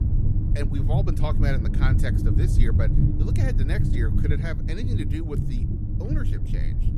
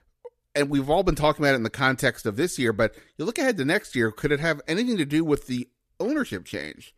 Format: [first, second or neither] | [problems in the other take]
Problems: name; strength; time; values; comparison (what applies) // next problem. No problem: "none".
second | low rumble; loud; throughout; 1 dB below the speech